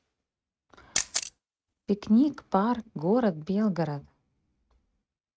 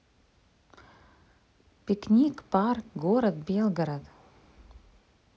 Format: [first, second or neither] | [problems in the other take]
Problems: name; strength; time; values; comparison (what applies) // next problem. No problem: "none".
second | noise reduction (neural mask model RNNoise)